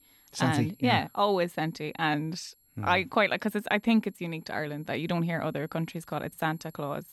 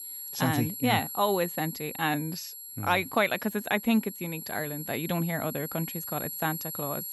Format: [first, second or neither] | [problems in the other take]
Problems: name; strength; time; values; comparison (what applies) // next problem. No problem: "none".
first | high-pitched whine; loud; throughout; 11.5 kHz, 7 dB below the speech; faint in the first